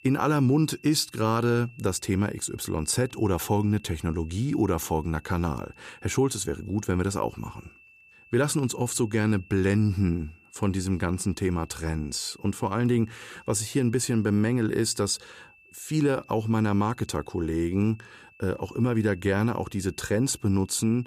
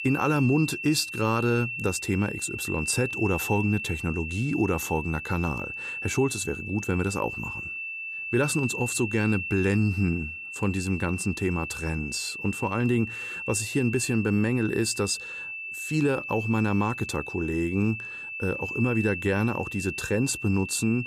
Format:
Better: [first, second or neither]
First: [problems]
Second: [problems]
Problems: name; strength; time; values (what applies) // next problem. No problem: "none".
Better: first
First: high-pitched whine; faint; throughout; 2.5 kHz, 25 dB below the speech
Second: high-pitched whine; loud; throughout; 2.5 kHz, 6 dB below the speech